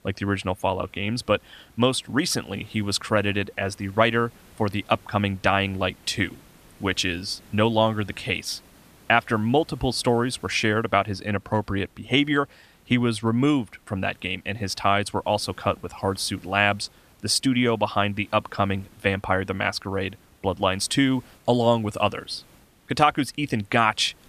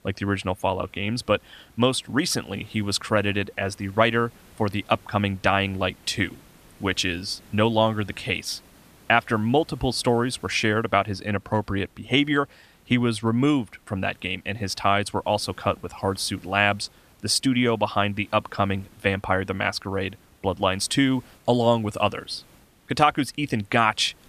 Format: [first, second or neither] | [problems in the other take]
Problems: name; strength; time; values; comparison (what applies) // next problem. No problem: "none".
neither | hiss; faint; throughout; 30 dB below the speech; the same in both